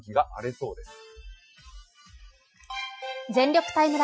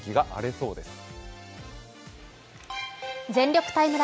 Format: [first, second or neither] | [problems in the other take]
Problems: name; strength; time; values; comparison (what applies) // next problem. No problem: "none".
second | noise reduction (classical method Wiener filter)